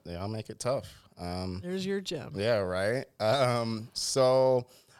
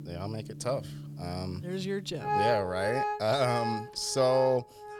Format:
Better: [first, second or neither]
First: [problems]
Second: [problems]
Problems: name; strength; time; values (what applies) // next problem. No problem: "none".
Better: first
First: none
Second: background music; loud; throughout; 5 dB below the speech